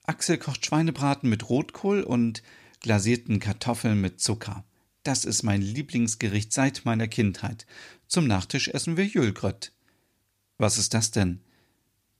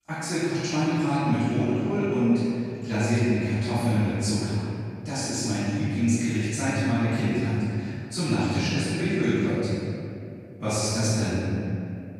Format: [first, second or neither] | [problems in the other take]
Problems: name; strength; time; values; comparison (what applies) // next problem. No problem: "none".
first | room echo; strong; dies away in 2.6 s // off-mic speech; far